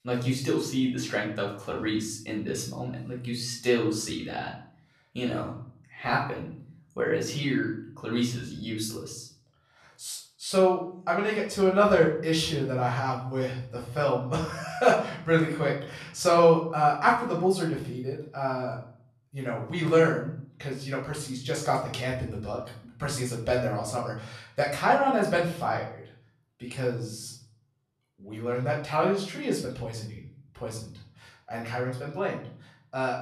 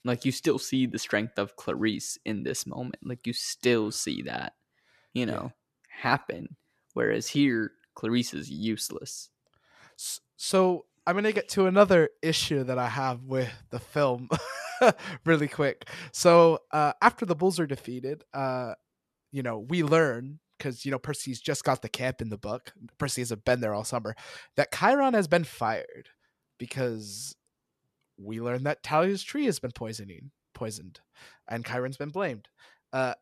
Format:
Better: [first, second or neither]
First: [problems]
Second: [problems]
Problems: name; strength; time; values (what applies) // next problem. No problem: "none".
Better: second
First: off-mic speech; far // room echo; slight; dies away in 0.5 s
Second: none